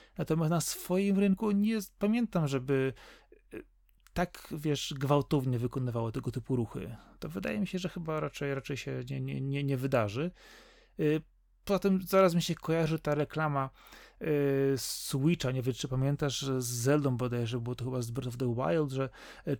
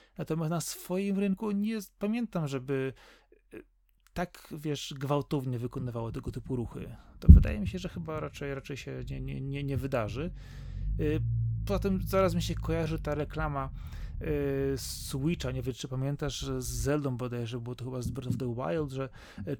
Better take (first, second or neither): first